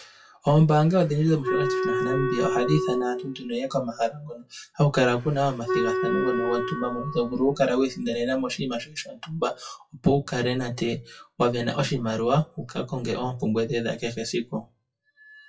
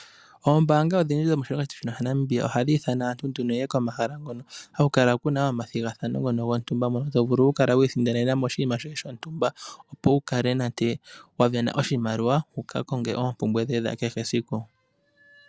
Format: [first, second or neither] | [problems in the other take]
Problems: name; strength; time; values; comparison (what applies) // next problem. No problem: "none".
second | noise reduction (classical method WPE with log-MMSE)